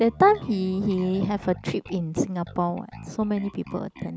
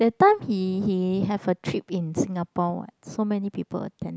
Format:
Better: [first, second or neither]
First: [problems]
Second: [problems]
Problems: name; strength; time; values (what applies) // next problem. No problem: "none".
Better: second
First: background sound (Bass guitar); 19 dB below the speech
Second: none